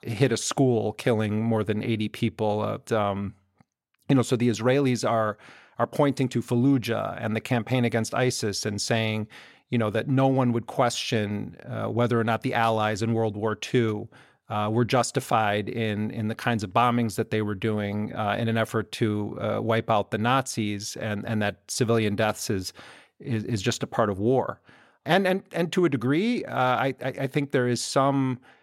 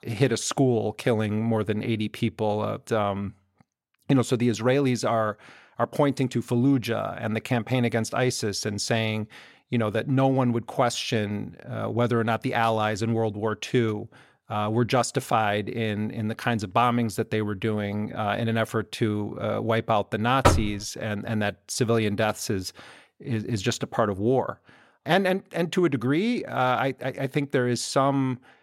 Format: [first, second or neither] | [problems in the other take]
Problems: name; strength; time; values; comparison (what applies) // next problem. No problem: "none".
first | door banging; loud; at 20 s; peak 3 dB above the speech